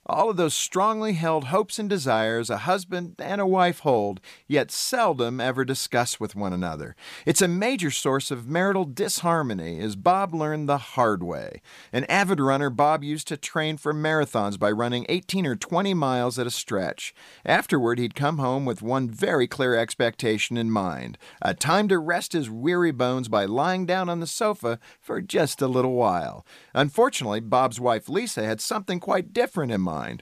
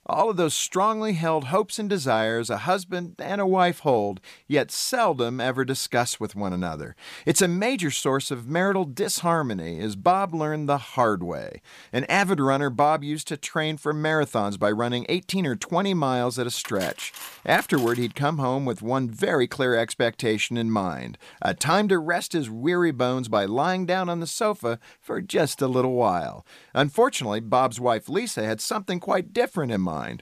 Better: first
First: none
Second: clattering dishes; faint; from 17 to 18 s; peak 10 dB below the speech

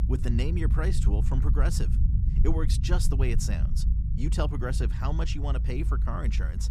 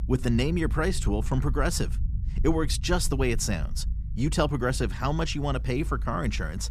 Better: second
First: low rumble; loud; throughout; 8 dB below the speech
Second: low rumble; faint; throughout; 20 dB below the speech

